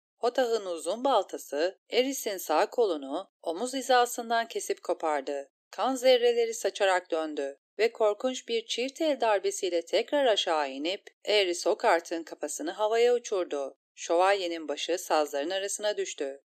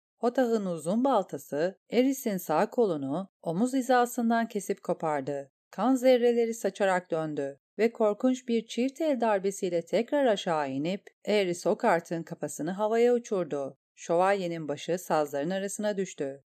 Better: second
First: thin; somewhat; fading below 300 Hz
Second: none

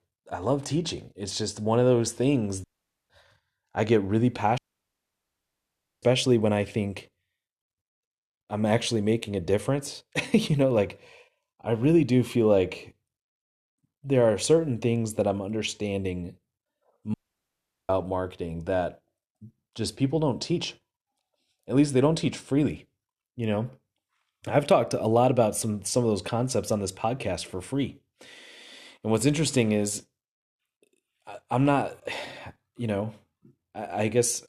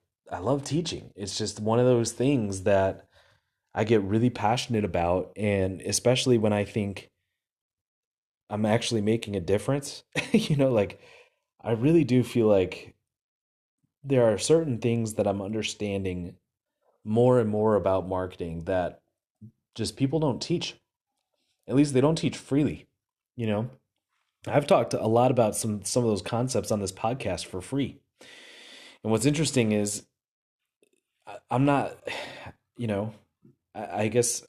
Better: second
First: audio cutting out; at 2.5 s, at 4.5 s for 1.5 s and at 17 s for 1 s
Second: none

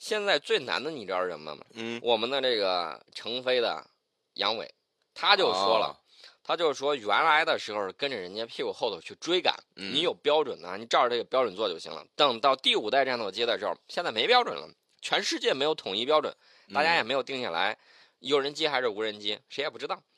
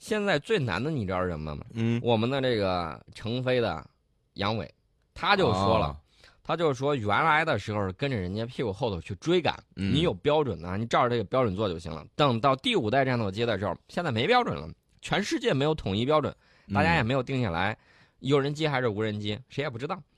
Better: second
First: thin; somewhat; fading below 450 Hz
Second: none

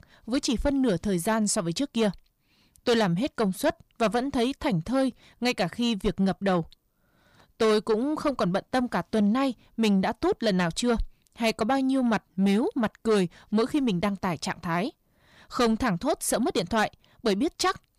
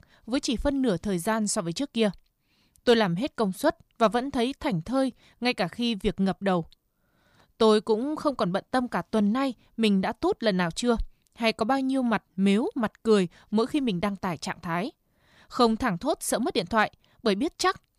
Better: second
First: distortion; slight; 10 dB below the speech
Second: none

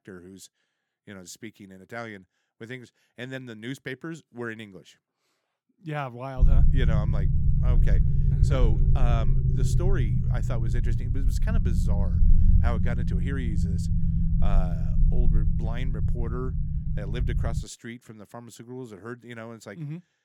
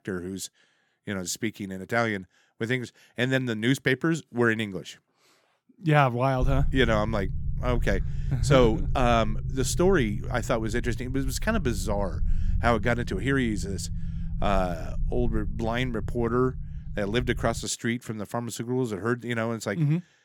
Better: second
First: low rumble; loud; from 6.5 to 18 s; 1 dB below the speech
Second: low rumble; faint; from 6.5 to 18 s; 20 dB below the speech

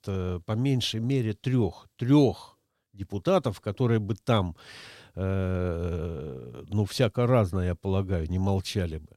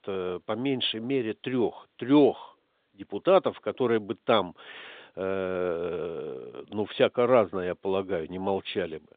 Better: first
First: none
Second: phone-call audio; nothing above 3.5 kHz

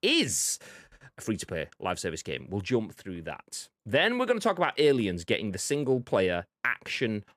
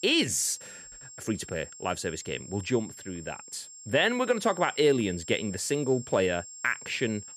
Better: first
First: none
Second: high-pitched whine; noticeable; throughout; 7.5 kHz, 15 dB below the speech

